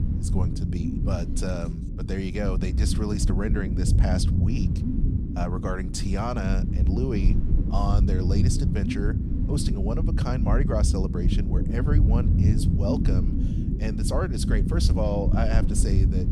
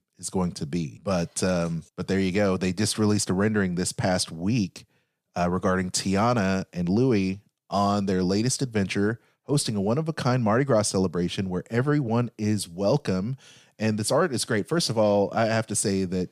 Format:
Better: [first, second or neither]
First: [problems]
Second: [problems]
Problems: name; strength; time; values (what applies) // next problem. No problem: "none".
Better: second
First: low rumble; loud; throughout; 4 dB below the speech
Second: none